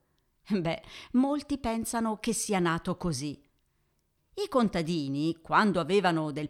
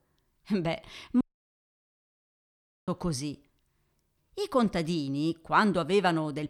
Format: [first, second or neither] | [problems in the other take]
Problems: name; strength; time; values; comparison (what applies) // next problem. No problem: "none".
first | audio cutting out; at 1 s for 1.5 s